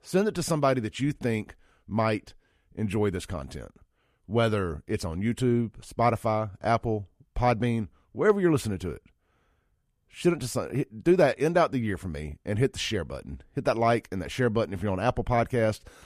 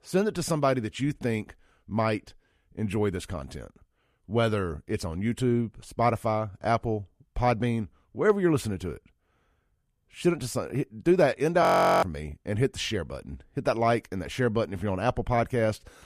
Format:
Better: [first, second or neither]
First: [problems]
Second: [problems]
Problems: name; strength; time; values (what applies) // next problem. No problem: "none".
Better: first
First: none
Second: audio freezing; at 12 s